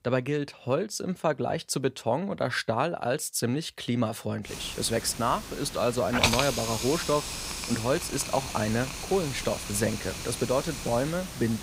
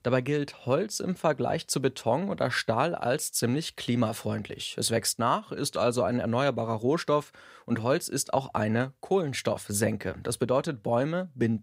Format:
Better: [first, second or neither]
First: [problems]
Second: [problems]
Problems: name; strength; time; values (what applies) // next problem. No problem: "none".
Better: second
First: hiss; loud; from 4.5 s on; 4 dB below the speech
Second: none